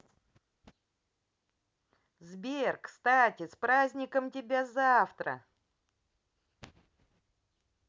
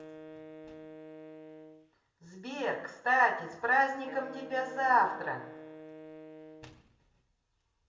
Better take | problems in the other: first | background sound (Wind instrument, woodwind instrument); 16 dB below the speech // room echo; dies away in 0.7 s

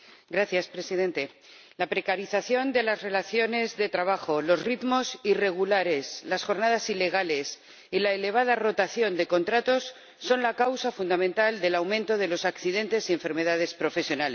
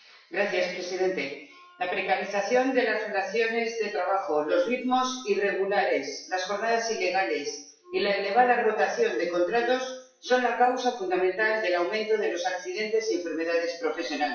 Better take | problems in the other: first | noise reduction (classical method WPE with log-MMSE)

